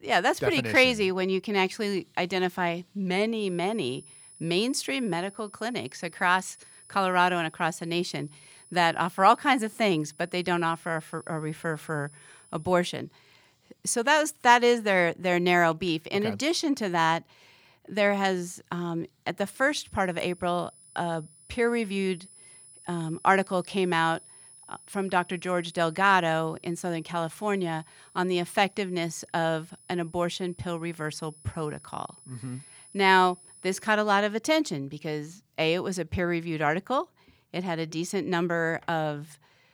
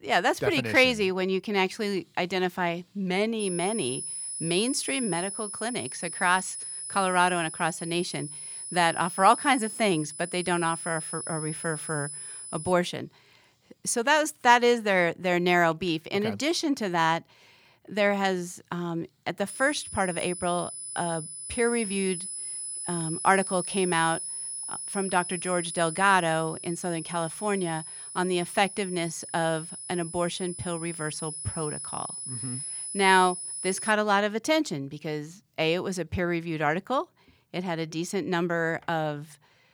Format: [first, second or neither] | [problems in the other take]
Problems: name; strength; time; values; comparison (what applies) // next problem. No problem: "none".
first | high-pitched whine; loud; from 3.5 to 13 s and from 19 to 34 s; 10.5 kHz, 7 dB below the speech; faint in the first